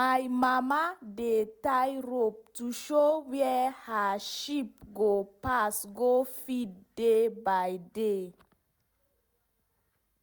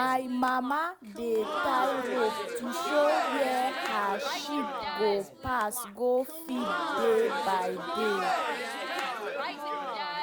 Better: first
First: none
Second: background sound (Crowd); 2 dB below the speech

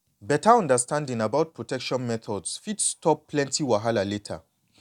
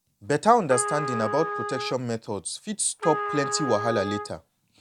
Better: first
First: none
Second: background sound (Trumpet); 6 dB below the speech

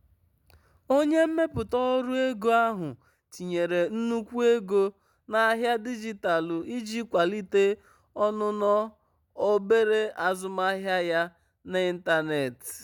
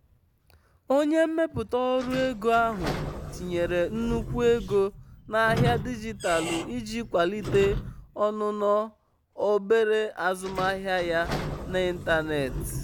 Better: first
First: none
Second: background sound (Squeak / Sliding door); 9 dB below the speech

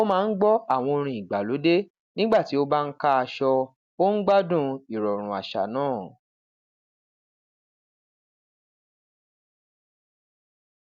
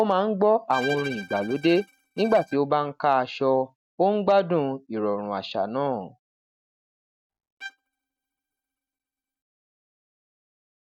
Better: first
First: none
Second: noise reduction (neural mask model RNNoise)

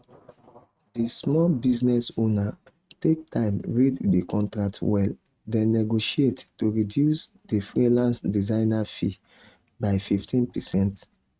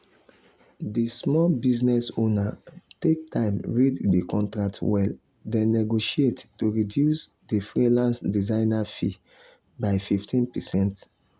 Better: second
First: noise reduction (neural mask model RNNoise)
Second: none

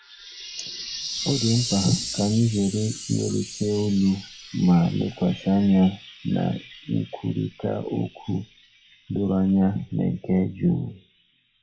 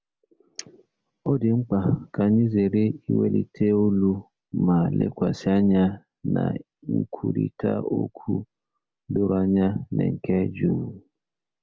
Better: second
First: noise reduction (classical method WPE with log-MMSE)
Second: none

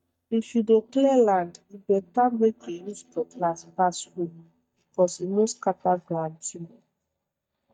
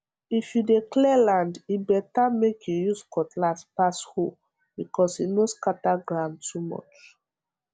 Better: second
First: noise reduction (neural mask model DeepFilterNet 3)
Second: none

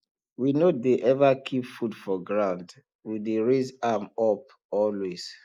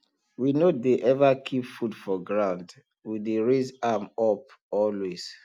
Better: second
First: noise reduction (neural mask model Resemble Enhance denoiser)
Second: none

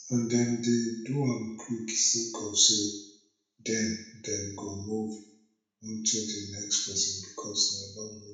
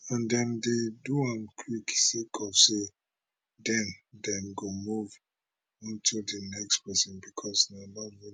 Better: second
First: room echo; dies away in 0.6 s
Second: none

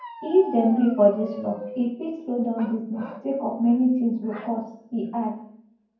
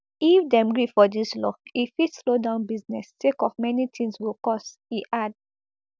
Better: second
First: background sound (Bark); 17 dB below the speech // room echo; dies away in 0.9 s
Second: none

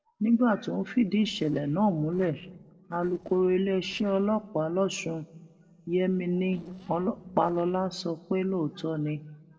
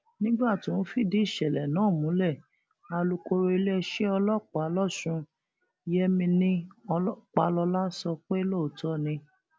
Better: second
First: noise reduction (neural separator model SepFormer DNS4)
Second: none

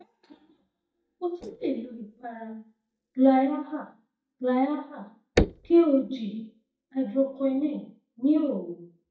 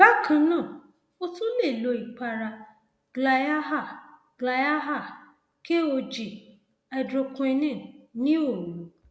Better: second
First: noise reduction (neural mask model DeepFilterNet 3)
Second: none

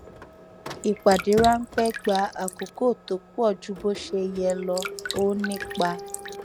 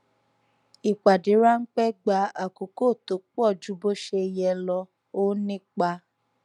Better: second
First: background sound (Drip + Printer); 11 dB below the speech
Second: none

